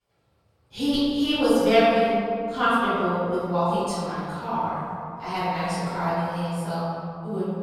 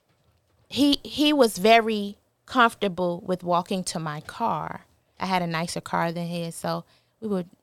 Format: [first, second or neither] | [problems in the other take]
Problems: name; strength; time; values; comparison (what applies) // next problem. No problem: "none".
second | off-mic speech; far // room echo; strong; dies away in 2.7 s